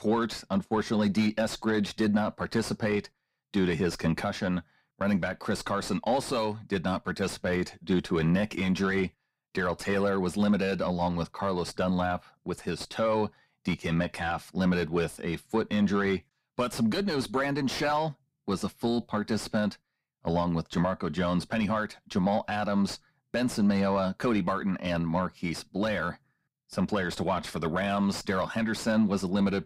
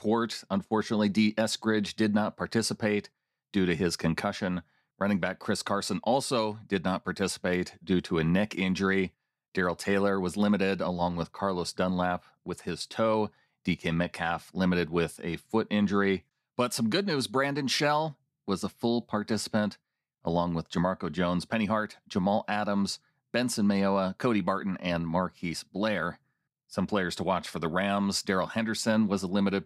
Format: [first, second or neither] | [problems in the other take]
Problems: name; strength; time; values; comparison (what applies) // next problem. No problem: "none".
second | distortion; slight; 10 dB below the speech